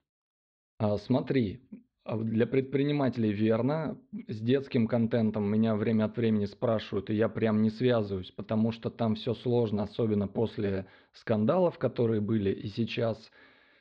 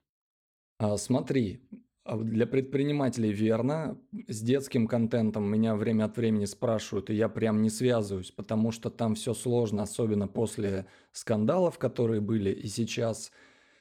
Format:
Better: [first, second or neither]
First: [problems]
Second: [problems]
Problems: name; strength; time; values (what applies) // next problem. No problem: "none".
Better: second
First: muffled; slightly; fading above 4 kHz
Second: none